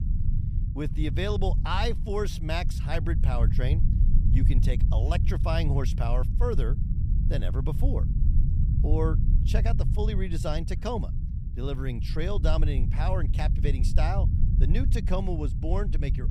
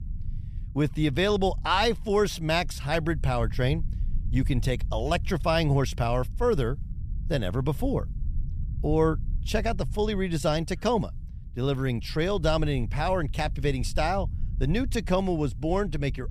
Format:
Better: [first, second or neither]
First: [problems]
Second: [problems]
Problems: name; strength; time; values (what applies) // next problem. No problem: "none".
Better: second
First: low rumble; loud; throughout; 9 dB below the speech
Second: low rumble; faint; throughout; 25 dB below the speech